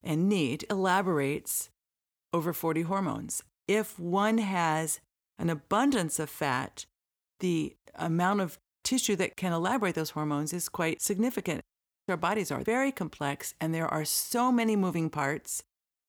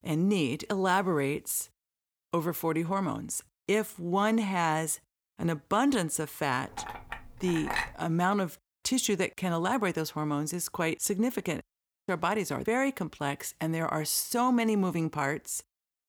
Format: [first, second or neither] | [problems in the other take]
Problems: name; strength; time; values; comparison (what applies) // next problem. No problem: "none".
first | clattering dishes; noticeable; from 7 to 8 s; peak 2 dB below the speech